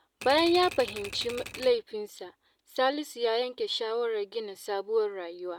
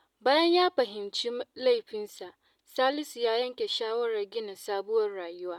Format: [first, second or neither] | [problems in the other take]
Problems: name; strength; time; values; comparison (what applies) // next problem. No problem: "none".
second | background sound (Typewriter); 13 dB below the speech